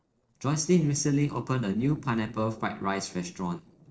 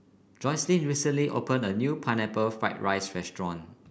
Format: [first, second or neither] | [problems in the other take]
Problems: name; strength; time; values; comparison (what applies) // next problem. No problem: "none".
second | noise reduction (neural separator model SepFormer DNS4)